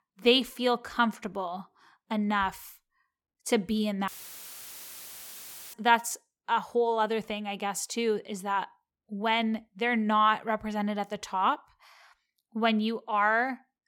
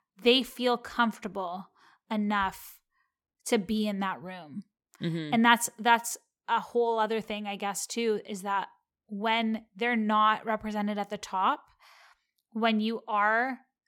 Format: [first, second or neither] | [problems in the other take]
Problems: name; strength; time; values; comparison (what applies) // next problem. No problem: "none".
second | audio cutting out; filled with static; at 4 s for 1.5 s